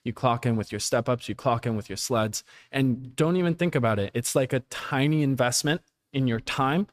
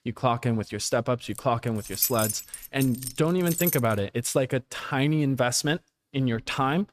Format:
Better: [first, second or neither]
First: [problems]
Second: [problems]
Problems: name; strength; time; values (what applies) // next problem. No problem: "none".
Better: first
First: none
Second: jangling keys; loud; from 1.5 to 4 s; peak 1 dB above the speech